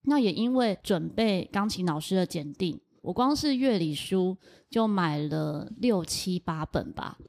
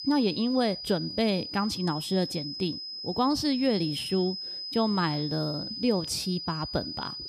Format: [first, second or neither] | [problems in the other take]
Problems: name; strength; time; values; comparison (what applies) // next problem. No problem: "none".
first | high-pitched whine; loud; throughout; 5 kHz, 6 dB below the speech